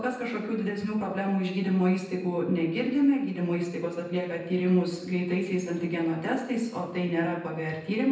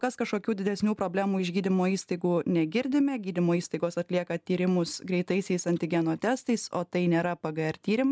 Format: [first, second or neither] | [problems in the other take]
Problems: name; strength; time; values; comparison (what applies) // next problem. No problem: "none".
second | room echo; dies away in 0.9 s